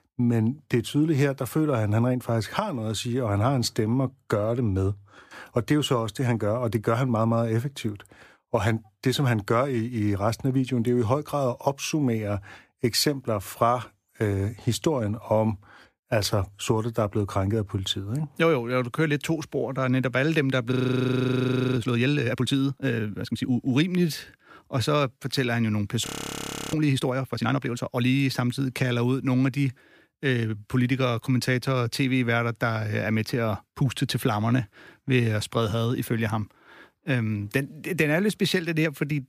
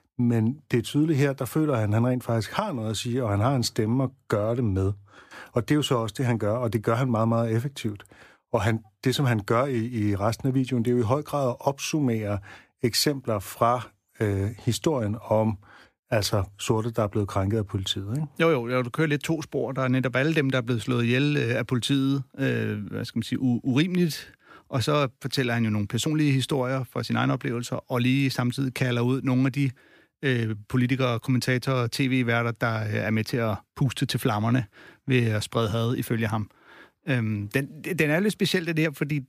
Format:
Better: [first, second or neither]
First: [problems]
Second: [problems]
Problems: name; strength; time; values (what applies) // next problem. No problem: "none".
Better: second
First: audio freezing; at 21 s for 1 s and at 26 s for 0.5 s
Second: none